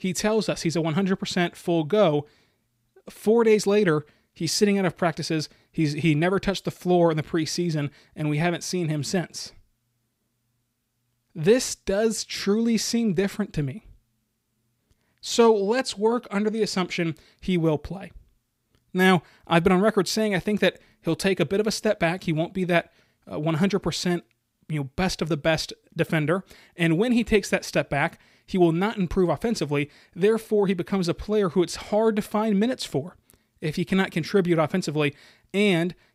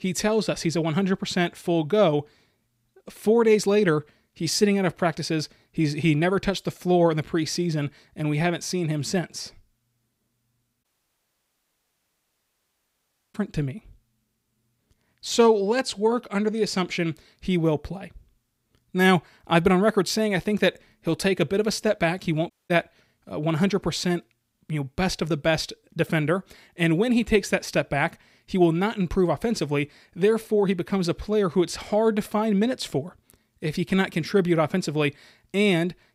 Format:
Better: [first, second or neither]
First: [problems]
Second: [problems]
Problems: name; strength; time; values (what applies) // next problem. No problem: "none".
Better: first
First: none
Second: audio cutting out; at 11 s for 2.5 s and at 23 s